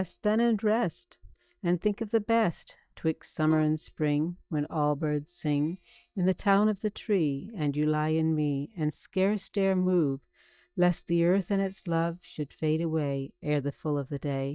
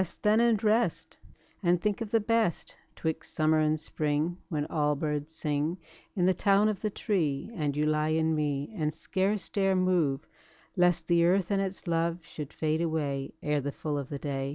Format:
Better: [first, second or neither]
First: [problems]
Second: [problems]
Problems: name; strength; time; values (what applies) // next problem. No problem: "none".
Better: second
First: noise reduction (neural mask model DeepFilterNet 3)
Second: none